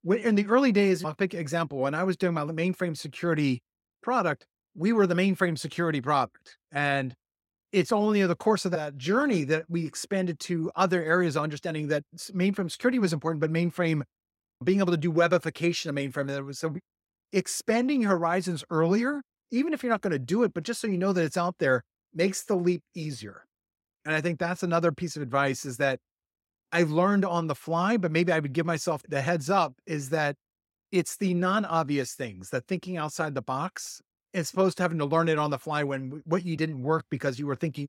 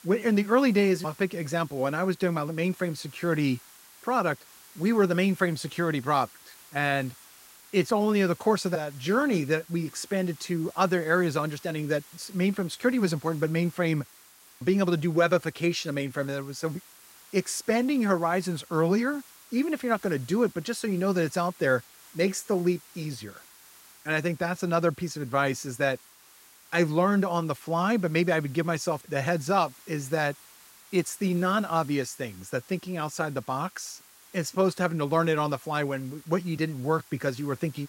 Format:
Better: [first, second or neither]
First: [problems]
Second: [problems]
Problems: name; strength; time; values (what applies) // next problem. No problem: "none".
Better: first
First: none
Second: hiss; faint; throughout; 25 dB below the speech